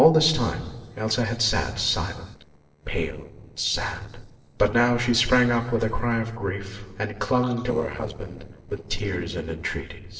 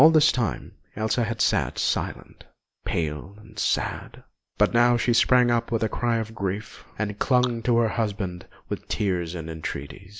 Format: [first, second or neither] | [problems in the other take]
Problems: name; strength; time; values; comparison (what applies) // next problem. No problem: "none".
second | noise reduction (neural separator model SepFormer DNS4)